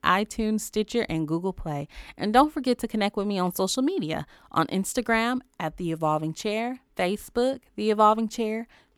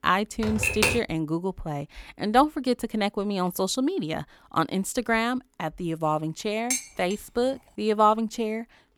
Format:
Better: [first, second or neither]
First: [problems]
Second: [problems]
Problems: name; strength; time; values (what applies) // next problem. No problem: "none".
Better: first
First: none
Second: keyboard typing; loud; at 0.5 s; peak 4 dB above the speech // clattering dishes; noticeable; at 6.5 s; peak 2 dB below the speech